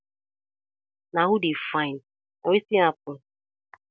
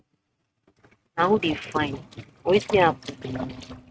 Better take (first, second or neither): first